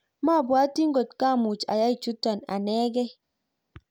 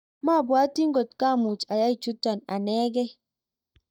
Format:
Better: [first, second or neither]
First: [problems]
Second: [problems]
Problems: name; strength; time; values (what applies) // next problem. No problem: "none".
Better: first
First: none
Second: noise reduction (neural mask model DeepFilterNet 3)